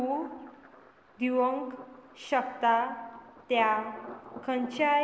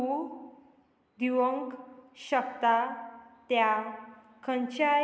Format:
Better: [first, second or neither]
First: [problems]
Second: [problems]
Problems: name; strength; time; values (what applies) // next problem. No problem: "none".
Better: second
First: background sound (Thunder); 19 dB below the speech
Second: none